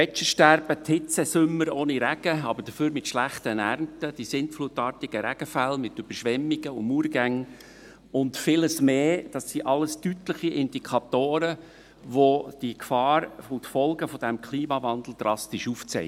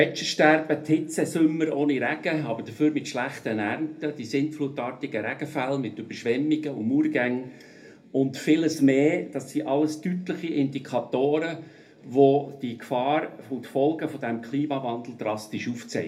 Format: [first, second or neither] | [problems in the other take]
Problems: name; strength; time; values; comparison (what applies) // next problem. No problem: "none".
first | room echo; dies away in 0.3 s